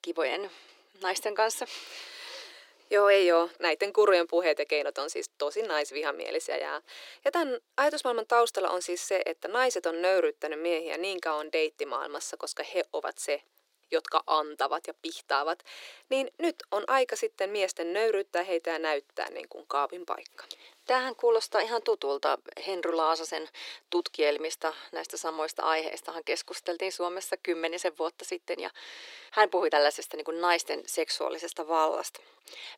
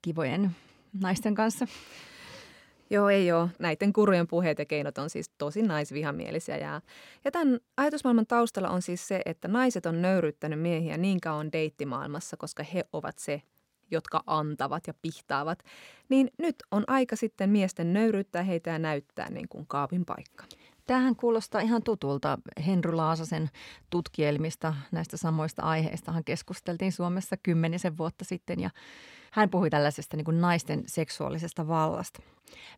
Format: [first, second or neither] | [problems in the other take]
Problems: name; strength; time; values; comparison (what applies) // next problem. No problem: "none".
second | thin; very; fading below 350 Hz